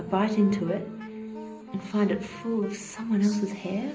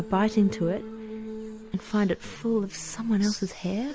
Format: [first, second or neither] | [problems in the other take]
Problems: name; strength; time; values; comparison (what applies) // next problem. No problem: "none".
second | background sound (Wind instrument, woodwind instrument); 20 dB below the speech // room echo; dies away in 0.5 s